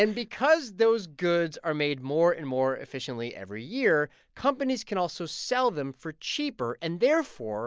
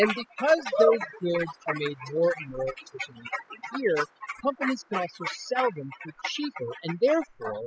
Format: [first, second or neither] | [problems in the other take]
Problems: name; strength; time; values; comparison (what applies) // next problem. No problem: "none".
first | noise reduction (classical method spectral subtraction)